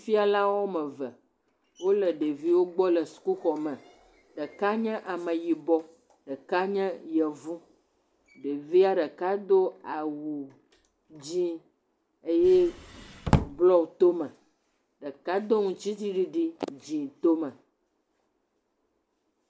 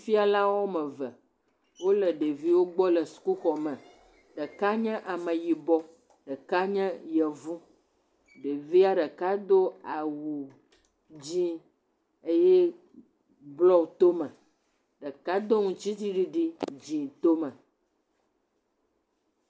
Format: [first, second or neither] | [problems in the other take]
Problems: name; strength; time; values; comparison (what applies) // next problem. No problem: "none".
second | background sound (Drawer open or close); 1 dB below the speech